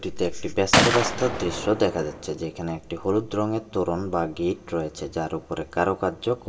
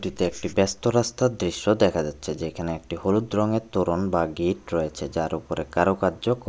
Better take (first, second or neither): second